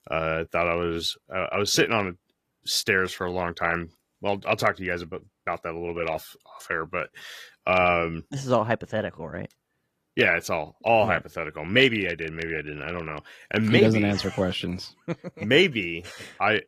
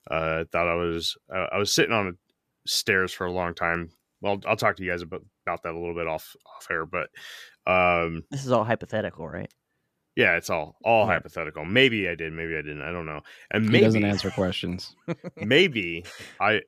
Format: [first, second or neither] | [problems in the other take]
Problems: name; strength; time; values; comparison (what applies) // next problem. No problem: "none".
second | garbled, watery; slightly; nothing above 14.5 kHz